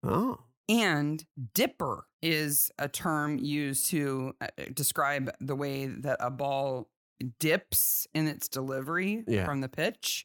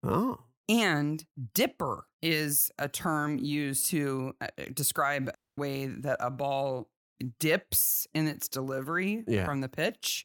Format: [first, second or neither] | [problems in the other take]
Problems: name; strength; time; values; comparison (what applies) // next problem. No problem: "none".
first | audio cutting out; at 5.5 s